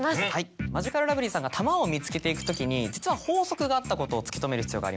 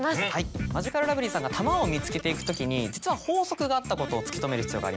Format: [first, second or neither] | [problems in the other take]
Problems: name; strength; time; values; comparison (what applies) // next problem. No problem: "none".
first | background sound (Snare drum / Drum kit + Electric guitar); 9 dB below the speech